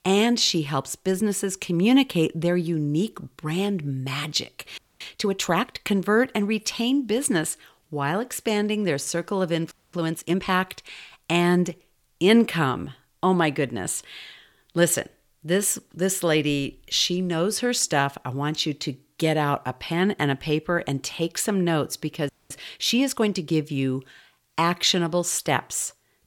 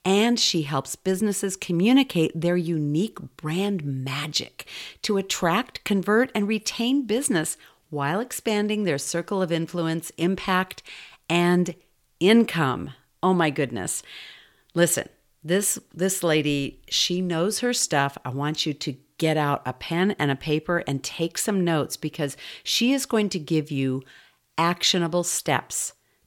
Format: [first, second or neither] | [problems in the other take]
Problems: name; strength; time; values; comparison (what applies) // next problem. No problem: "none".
second | audio freezing; at 5 s, at 9.5 s and at 22 s